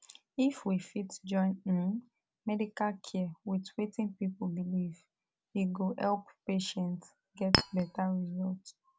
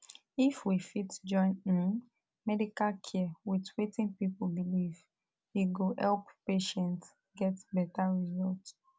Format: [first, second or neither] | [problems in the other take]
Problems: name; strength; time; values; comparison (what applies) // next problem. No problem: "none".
second | background sound (Chink, clink); 3 dB above the speech